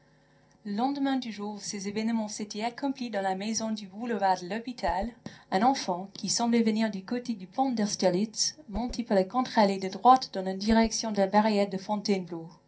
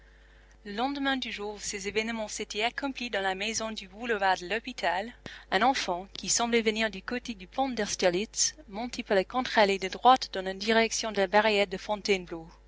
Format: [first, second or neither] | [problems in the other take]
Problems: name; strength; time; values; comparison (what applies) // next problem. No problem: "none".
second | background sound (Whoosh, swoosh, swish); 13 dB below the speech // room echo; dies away in 0.3 s